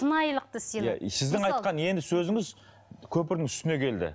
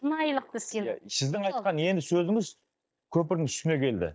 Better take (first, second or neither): first